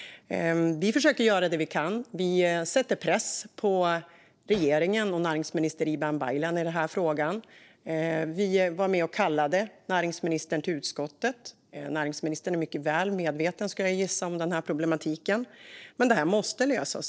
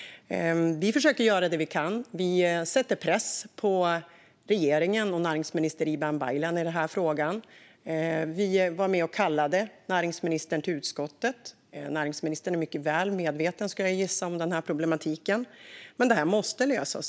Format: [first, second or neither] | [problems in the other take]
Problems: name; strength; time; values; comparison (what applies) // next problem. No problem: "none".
second | noise reduction (neural separator model SepFormer DNS4)